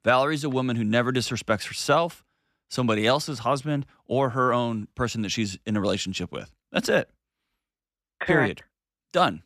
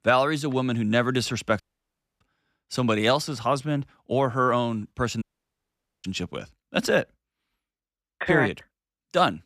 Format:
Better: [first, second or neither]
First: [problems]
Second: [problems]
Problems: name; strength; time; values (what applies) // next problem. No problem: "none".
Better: first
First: none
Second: audio cutting out; at 1.5 s for 0.5 s and at 5 s for 1 s